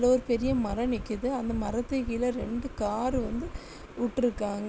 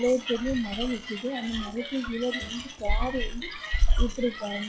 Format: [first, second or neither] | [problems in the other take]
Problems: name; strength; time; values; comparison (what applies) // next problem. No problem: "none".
first | noise reduction (classical method log-MMSE)